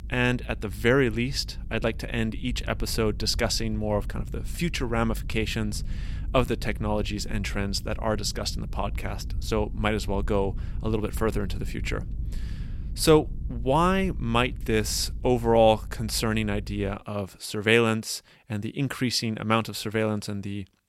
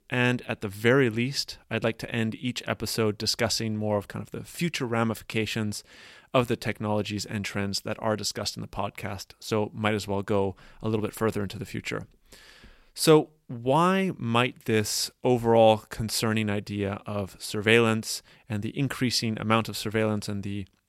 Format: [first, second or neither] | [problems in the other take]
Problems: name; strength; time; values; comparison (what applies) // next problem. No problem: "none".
second | low rumble; faint; until 17 s; 25 dB below the speech